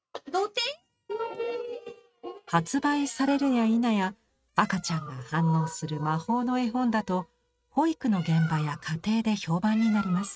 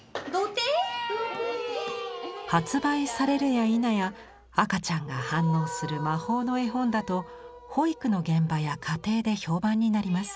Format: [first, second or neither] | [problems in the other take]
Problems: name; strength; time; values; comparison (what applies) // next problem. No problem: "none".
second | noise reduction (neural mask model RNNoise)